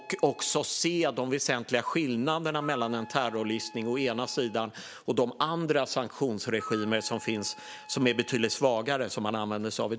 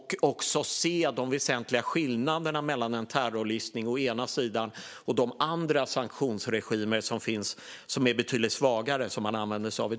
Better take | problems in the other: second | background sound (Wind instrument, woodwind instrument); 19 dB below the speech

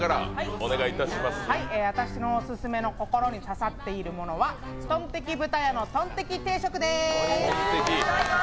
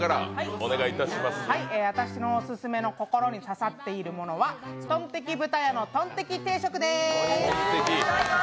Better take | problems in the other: second | background sound (Walk, footsteps); 12 dB below the speech

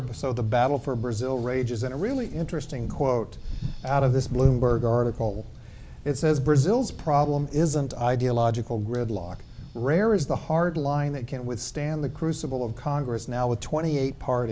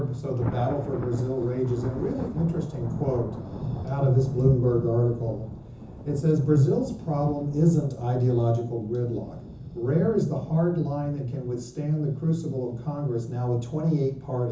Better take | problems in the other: first | background sound (Thunder); 14 dB below the speech // room echo; dies away in 0.6 s

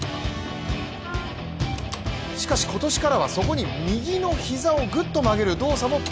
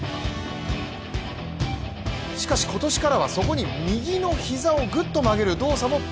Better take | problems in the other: second | background sound (Wind instrument, woodwind instrument + Slam); 20 dB below the speech

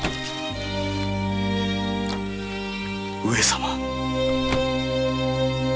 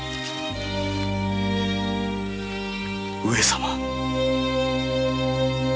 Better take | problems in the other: second | background sound (Microwave oven); 15 dB below the speech

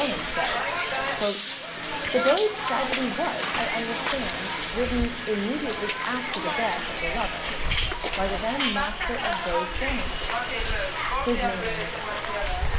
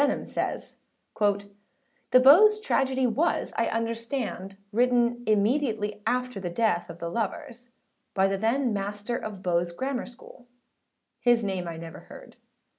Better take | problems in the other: second | background sound (Hiss); 2 dB above the speech

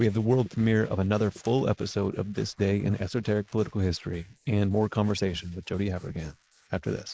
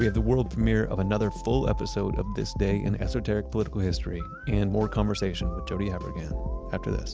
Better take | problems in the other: second | noise reduction (neural mask model Resemble Enhance denoiser)

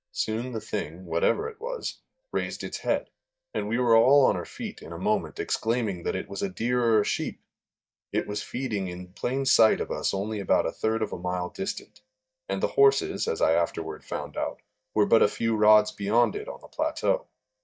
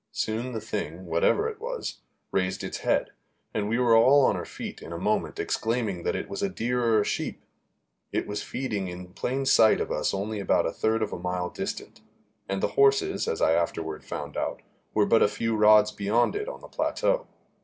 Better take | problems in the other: second | noise reduction (neural mask model DeepFilterNet 3)

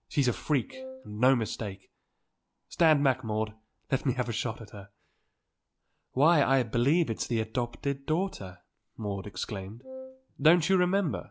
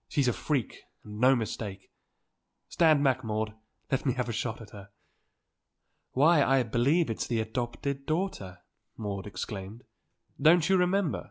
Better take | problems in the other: second | background sound (Wind instrument, woodwind instrument); 14 dB below the speech

